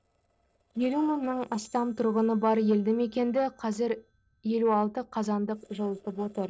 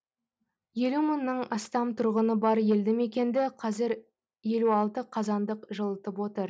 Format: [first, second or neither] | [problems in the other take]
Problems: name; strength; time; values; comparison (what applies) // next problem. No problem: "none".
second | noise reduction (neural separator model SepFormer DNS4)